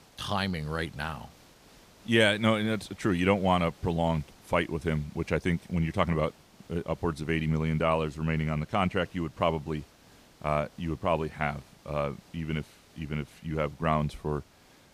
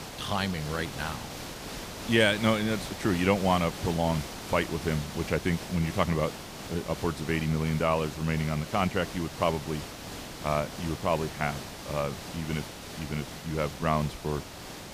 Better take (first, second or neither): first